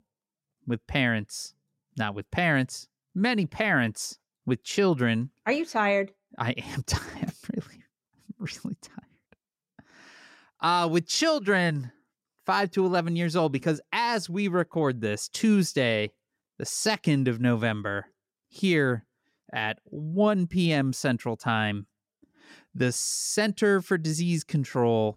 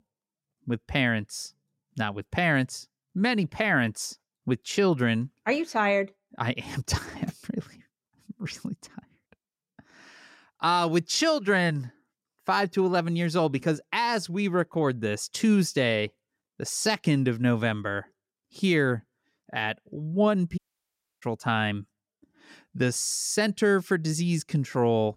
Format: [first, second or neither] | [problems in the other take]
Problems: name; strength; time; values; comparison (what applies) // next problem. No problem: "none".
first | audio cutting out; at 21 s for 0.5 s